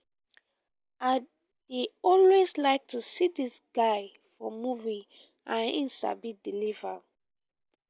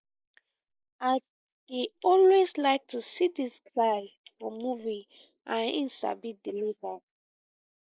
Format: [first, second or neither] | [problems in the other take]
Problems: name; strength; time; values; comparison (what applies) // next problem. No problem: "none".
first | noise reduction (neural mask model Resemble Enhance denoiser)